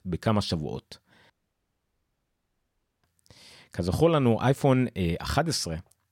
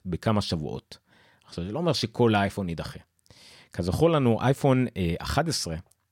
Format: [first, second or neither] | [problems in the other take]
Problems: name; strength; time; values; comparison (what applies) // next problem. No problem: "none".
second | audio cutting out; at 1.5 s for 1.5 s